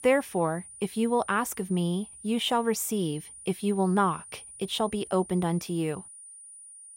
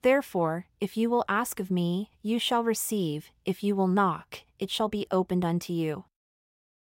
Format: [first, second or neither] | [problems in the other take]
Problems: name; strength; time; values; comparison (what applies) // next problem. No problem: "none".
second | high-pitched whine; noticeable; throughout; 9.5 kHz, 15 dB below the speech